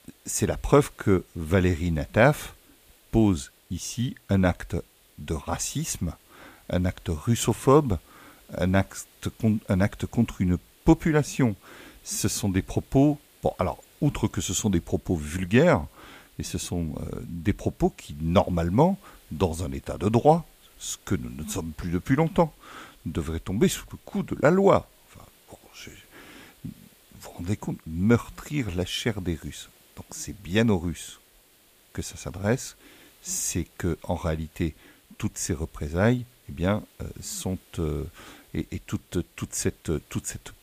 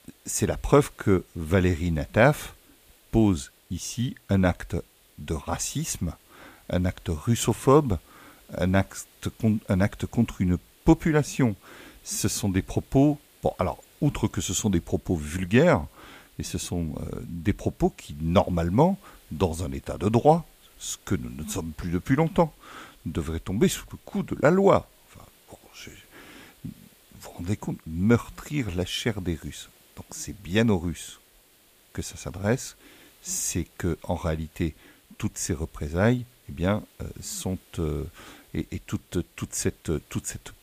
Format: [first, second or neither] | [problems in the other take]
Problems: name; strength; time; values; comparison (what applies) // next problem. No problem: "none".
neither | hiss; faint; throughout; 30 dB below the speech; the same in both